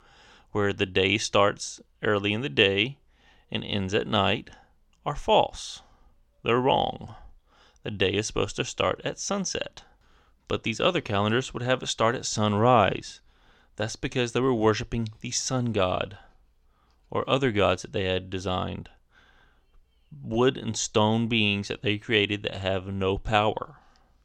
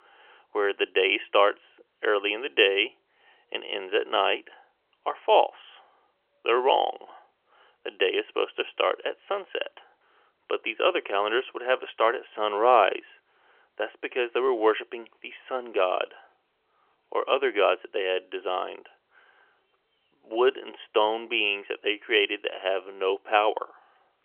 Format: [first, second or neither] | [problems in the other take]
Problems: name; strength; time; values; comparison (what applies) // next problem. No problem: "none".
first | phone-call audio; nothing above 3 kHz